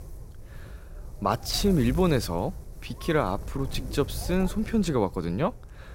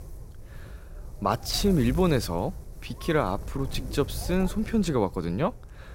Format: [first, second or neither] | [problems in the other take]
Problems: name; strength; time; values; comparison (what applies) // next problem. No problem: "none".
neither | wind noise on the microphone; occasional gusts; 20 dB below the speech; the same in both